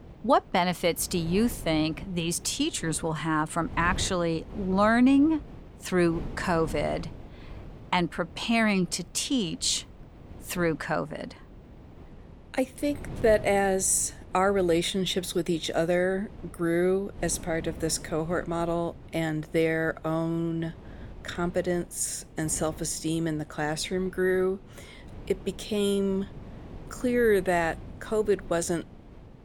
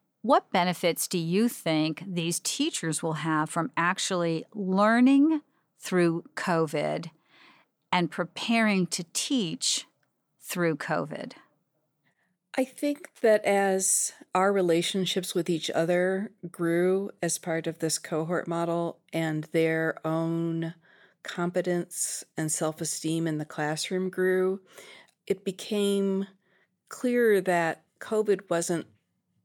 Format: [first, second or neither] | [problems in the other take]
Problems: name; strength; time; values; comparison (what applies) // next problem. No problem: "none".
second | wind noise on the microphone; occasional gusts; 20 dB below the speech